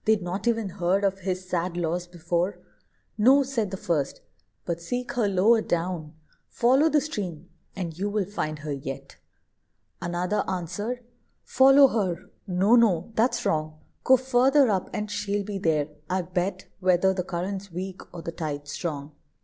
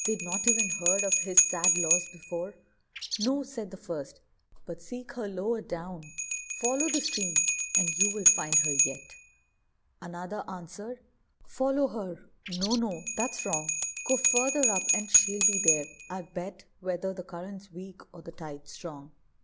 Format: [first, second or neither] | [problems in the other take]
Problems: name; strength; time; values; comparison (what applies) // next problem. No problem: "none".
first | background sound (Bird + Bell); 4 dB above the speech